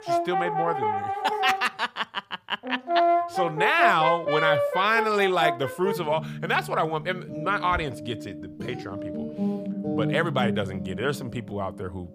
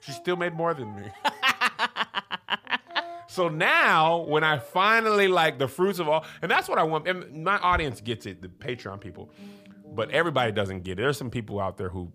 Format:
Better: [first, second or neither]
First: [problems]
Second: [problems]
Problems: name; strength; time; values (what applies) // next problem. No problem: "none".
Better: second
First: background music; loud; throughout; 2 dB below the speech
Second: background music; faint; throughout; 20 dB below the speech